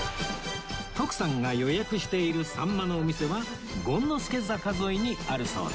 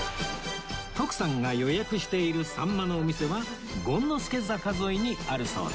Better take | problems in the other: second | background sound (Bass drum / Snare drum / Drum kit); 17 dB below the speech

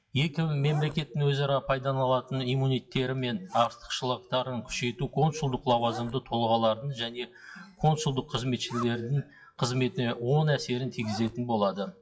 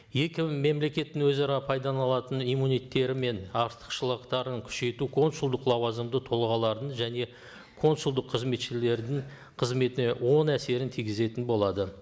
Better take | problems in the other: second | noise reduction (classical method WPE with log-MMSE)

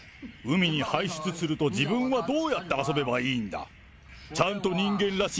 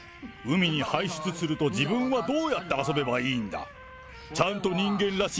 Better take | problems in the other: first | background sound (Trumpet); 19 dB below the speech

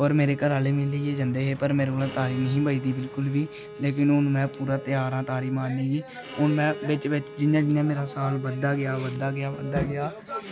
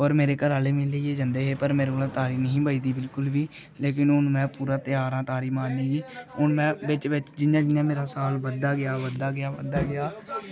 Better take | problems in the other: second | background sound (Bowed string instrument); 16 dB below the speech

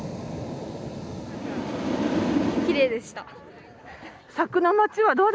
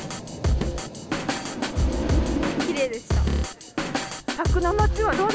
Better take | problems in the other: first | background sound (Drum kit); 3 dB above the speech

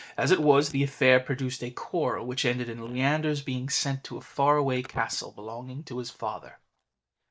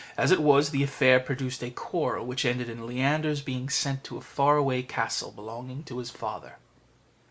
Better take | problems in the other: second | noise reduction (neural mask model DeepFilterNet 3)

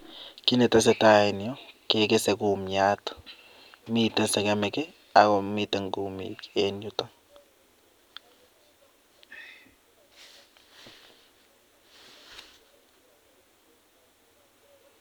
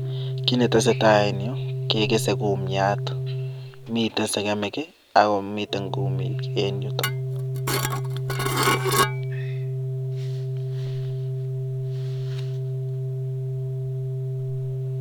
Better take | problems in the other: first | background sound (Dishes, pots, and pans / Glass + Organ); as loud as the speech

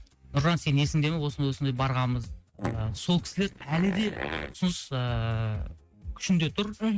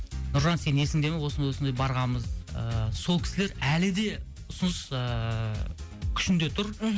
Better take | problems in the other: second | noise reduction (neural mask model RNNoise)

